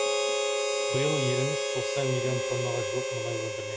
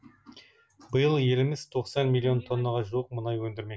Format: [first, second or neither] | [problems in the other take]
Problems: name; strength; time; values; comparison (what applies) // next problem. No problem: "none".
second | background sound (Harmonica); 4 dB above the speech